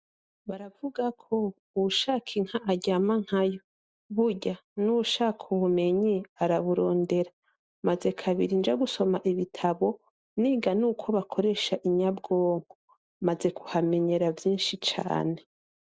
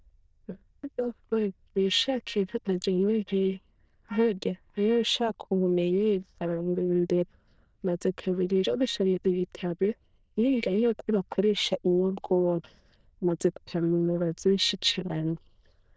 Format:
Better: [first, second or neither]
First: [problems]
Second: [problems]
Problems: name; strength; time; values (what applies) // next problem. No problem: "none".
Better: first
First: none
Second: noise reduction (neural diffusion model UNIVERSE++)